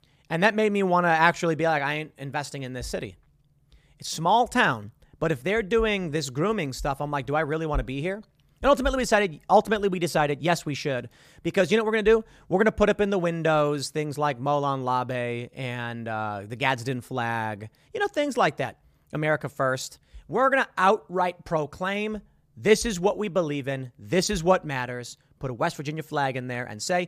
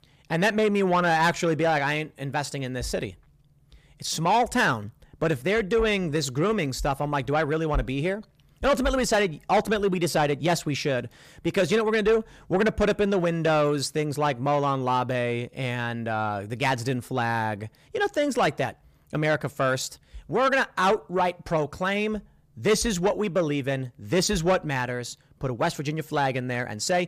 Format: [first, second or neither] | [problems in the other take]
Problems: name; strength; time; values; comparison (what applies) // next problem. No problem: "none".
first | distortion; slight; 10 dB below the speech